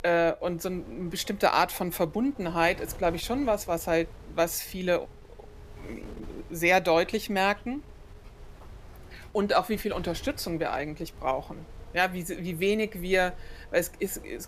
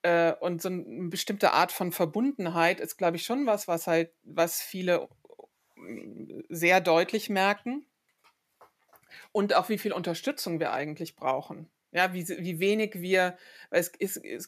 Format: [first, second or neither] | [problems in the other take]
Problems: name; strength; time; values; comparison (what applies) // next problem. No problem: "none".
second | wind noise on the microphone; occasional gusts; 25 dB below the speech